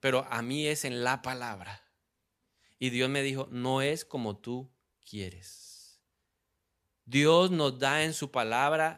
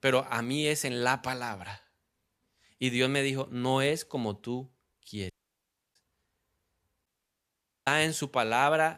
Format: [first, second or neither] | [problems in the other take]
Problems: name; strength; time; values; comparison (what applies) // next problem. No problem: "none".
first | audio cutting out; at 5.5 s for 0.5 s and at 7 s for 1 s